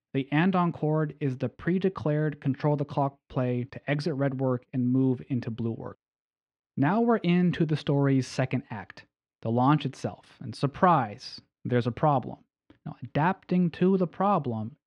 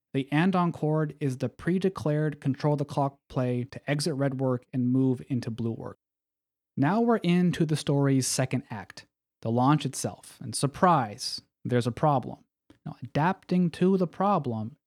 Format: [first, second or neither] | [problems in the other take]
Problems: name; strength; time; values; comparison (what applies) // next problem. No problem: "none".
second | muffled; slightly; fading above 3 kHz